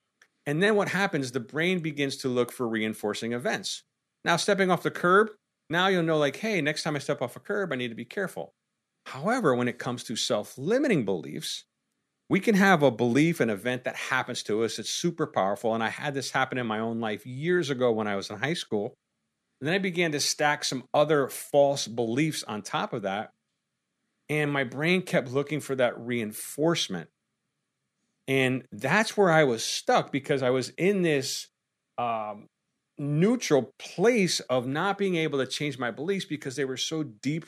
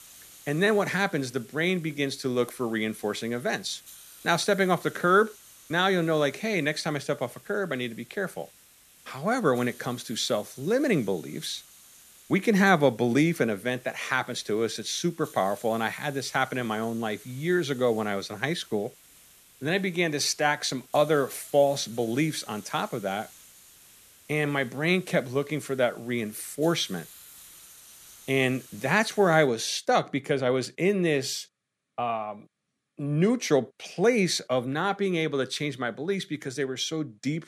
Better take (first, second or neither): first